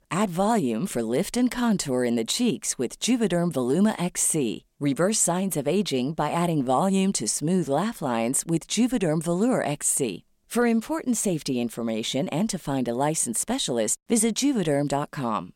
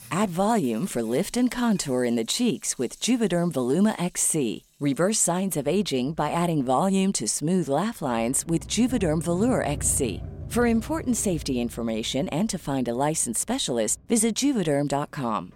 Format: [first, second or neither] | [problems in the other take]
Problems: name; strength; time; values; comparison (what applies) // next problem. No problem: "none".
first | household noises; noticeable; throughout; 15 dB below the speech